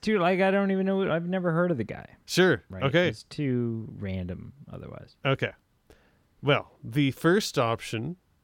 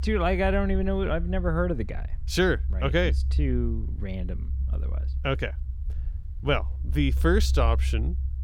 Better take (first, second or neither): first